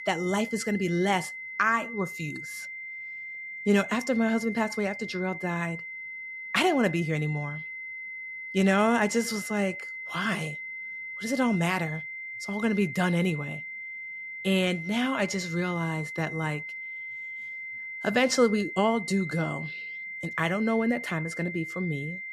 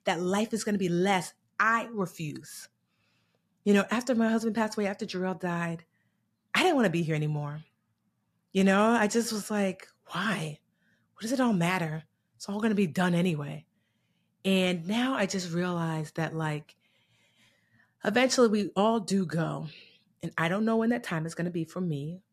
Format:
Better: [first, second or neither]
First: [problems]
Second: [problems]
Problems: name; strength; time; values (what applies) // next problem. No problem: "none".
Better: second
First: high-pitched whine; loud; throughout; 2 kHz, 8 dB below the speech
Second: none